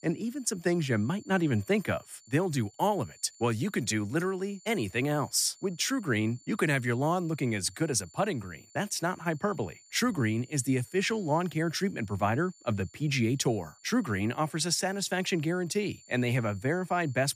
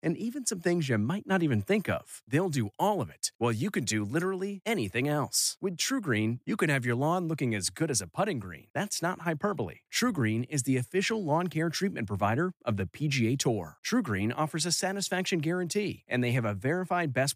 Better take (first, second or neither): second